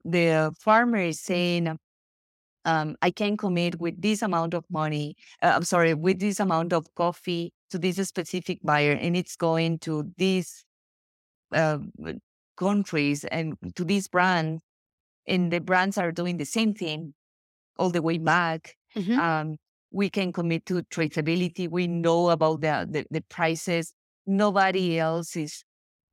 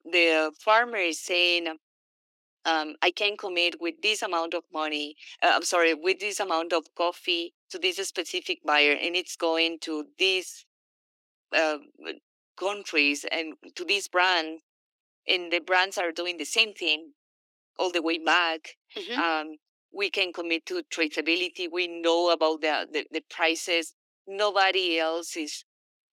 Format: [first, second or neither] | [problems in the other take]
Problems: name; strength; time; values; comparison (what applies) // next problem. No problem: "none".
first | thin; very; fading below 300 Hz